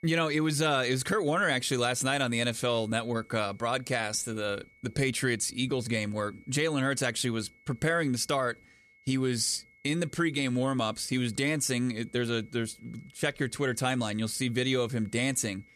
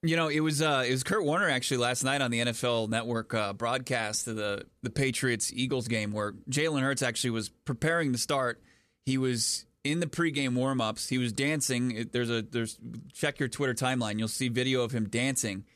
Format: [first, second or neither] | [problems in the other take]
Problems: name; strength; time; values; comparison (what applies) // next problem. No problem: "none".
second | high-pitched whine; faint; throughout; 2 kHz, 30 dB below the speech